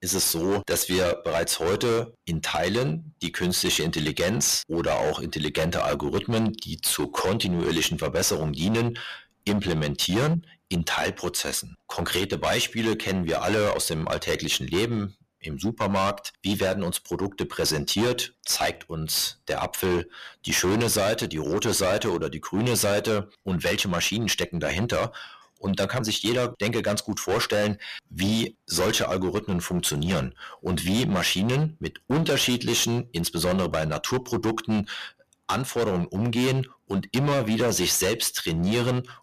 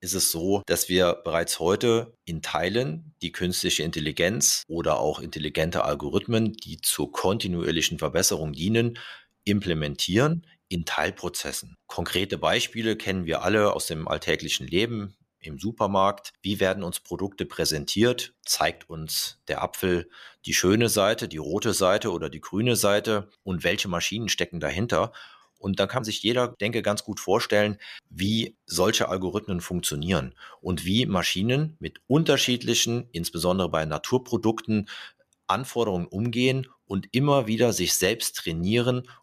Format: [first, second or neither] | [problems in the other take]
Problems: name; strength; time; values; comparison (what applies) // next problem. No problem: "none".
second | distortion; heavy; 16% of the sound clipped